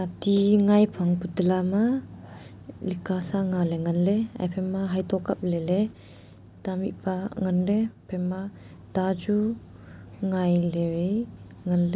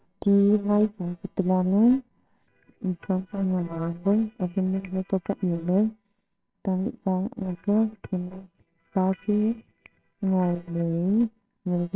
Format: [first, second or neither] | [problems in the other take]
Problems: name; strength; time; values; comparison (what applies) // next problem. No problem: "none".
first | noise reduction (neural separator model SepFormer WHAMR!)